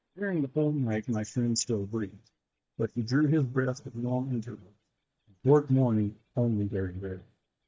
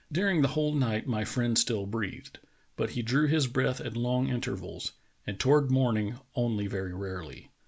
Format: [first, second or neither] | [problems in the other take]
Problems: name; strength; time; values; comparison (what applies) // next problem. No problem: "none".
second | noise reduction (neural mask model DeepFilterNet 3)